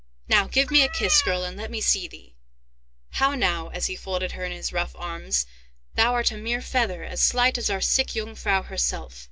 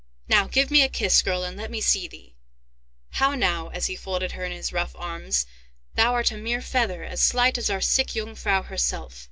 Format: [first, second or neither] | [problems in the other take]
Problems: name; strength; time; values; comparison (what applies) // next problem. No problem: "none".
second | background sound (Cat); 8 dB below the speech